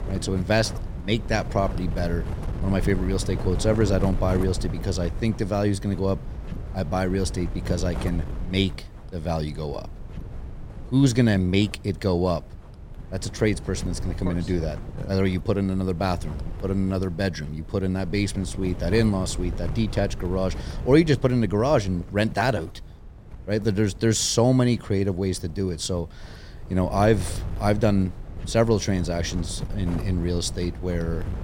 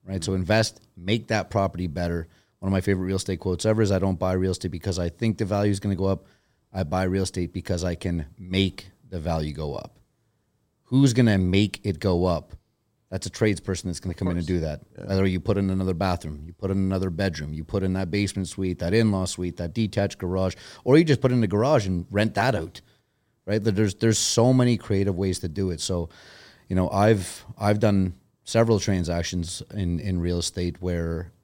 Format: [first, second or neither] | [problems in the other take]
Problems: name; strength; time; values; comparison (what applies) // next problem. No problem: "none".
second | wind noise on the microphone; occasional gusts; 15 dB below the speech